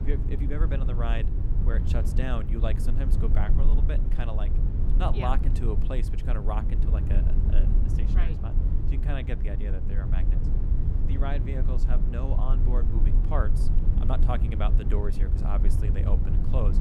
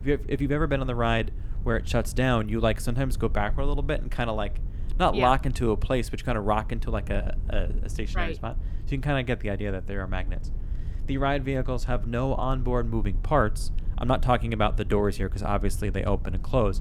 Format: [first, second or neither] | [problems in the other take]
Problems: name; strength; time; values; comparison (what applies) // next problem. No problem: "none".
second | low rumble; loud; throughout; 5 dB below the speech; faint in the second